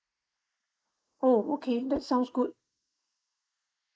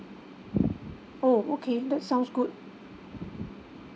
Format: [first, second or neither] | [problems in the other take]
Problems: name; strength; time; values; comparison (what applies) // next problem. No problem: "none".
second | noise reduction (neural mask model Resemble Enhance denoiser)